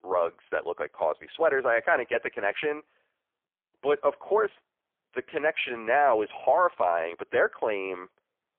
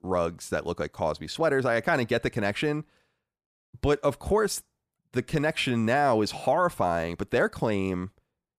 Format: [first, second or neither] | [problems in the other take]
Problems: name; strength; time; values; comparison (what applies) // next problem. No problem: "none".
second | phone-call audio; poor line; nothing above 3.5 kHz